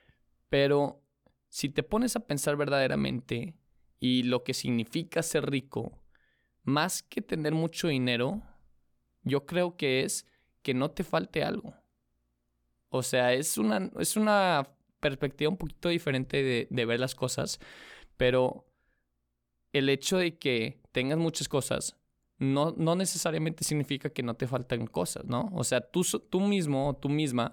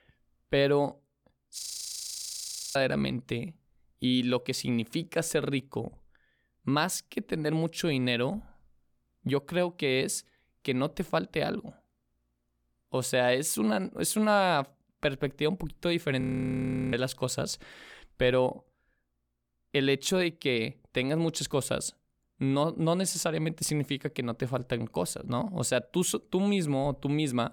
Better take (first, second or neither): first